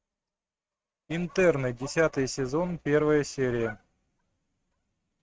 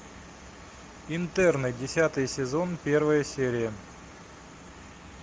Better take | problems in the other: second | noise reduction (neural mask model RNNoise)

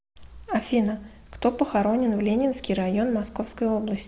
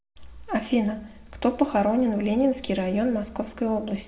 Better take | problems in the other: first | room echo; dies away in 0.5 s

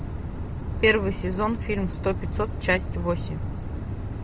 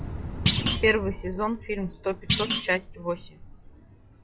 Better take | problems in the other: first | noise reduction (classical method log-MMSE)

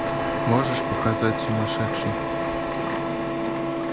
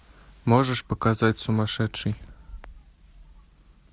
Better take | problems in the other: second | background sound (Printer); 3 dB above the speech

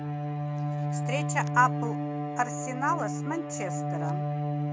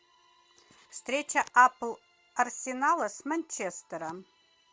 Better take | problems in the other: second | background sound (Bowed string instrument); 2 dB above the speech

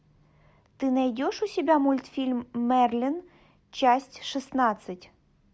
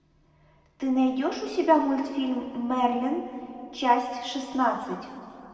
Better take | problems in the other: first | room echo; dies away in 2 s

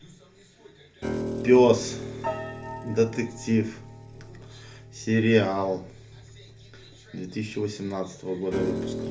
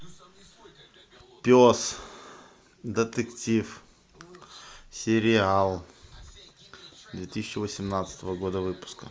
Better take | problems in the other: second | background sound (Piano); 9 dB below the speech // room echo; dies away in 0.3 s

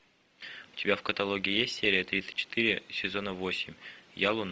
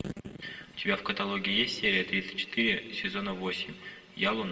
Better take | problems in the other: first | room echo; dies away in 1.2 s

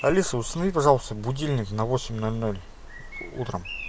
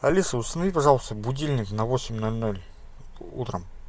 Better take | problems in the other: second | background sound (Bird vocalization, bird call, bird song); 19 dB below the speech

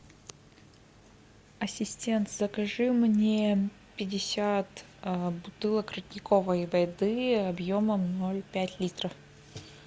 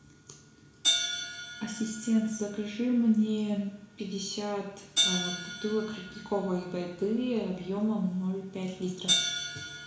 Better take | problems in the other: first | background sound (Hi-hat); 4 dB below the speech // room echo; dies away in 0.6 s

